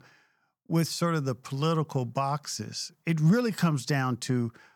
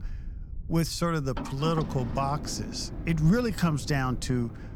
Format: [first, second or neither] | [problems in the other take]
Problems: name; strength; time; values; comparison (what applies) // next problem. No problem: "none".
first | low rumble; noticeable; throughout; 10 dB below the speech